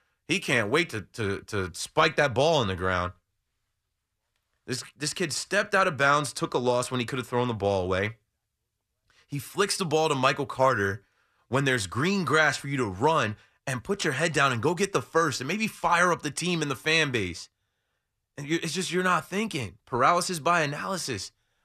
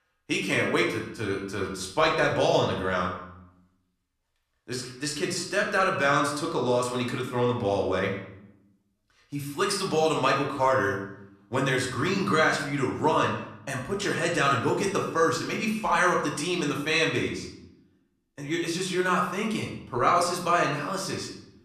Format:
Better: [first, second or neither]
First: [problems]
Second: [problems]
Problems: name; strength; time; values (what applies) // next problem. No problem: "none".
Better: first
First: none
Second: room echo; slight; dies away in 0.6 s // off-mic speech; somewhat distant